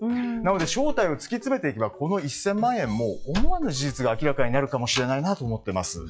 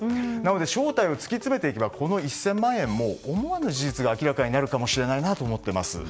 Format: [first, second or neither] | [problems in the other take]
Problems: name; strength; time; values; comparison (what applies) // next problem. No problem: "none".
second | noise reduction (classical method log-MMSE)